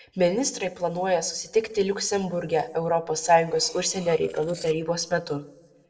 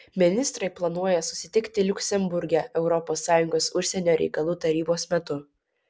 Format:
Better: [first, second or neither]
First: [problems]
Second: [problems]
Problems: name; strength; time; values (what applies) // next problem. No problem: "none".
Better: second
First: noise reduction (neural separator model SepFormer DNS4)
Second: none